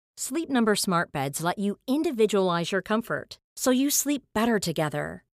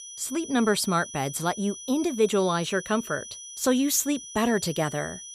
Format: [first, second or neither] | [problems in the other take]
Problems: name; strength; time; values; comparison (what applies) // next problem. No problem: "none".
first | high-pitched whine; noticeable; throughout; 6 kHz, 15 dB below the speech